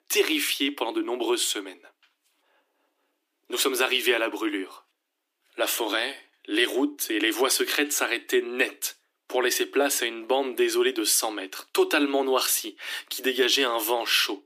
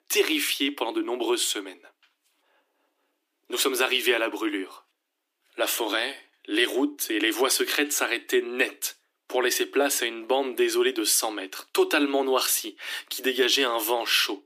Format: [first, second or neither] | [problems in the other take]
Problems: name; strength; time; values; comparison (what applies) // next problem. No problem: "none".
neither | thin; somewhat; fading below 300 Hz; the same in both